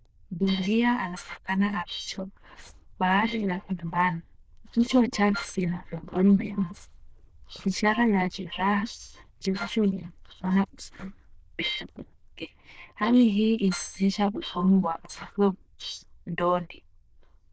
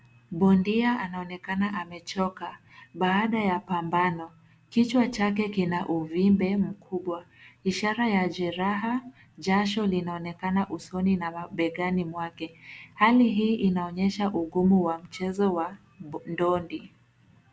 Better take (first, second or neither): second